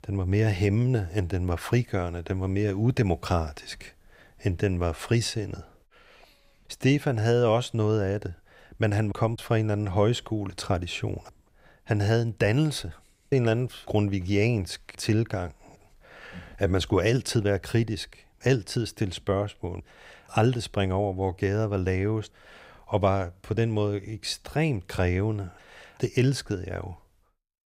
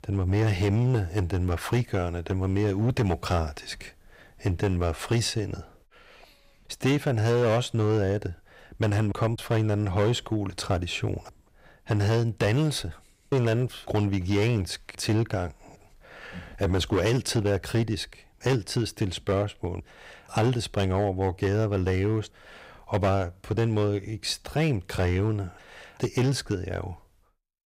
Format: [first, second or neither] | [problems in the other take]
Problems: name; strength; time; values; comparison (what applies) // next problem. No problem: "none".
first | distortion; slight; 9% of the sound clipped